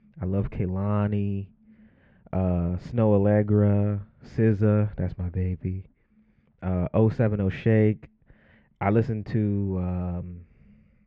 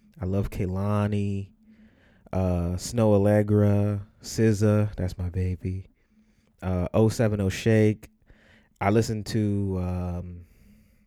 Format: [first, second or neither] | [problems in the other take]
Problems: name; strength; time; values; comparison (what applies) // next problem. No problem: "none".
second | muffled; very; fading above 2.5 kHz